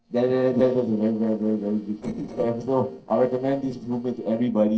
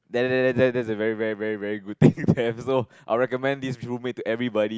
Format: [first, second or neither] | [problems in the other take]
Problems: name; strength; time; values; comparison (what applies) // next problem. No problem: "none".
second | noise reduction (neural separator model SepFormer DNS4)